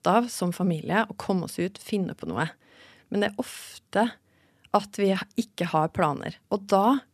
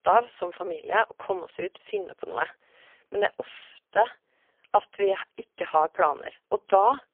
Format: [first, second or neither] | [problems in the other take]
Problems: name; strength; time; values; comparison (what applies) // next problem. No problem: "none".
first | phone-call audio; poor line; nothing above 3 kHz